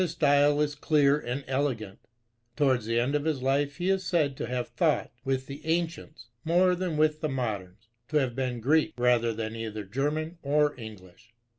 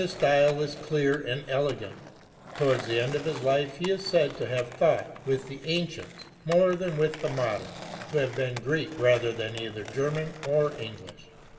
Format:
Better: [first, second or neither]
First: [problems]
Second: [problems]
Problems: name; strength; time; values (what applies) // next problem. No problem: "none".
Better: first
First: none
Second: background sound (Skateboard); 16 dB below the speech // room echo; dies away in 2.5 s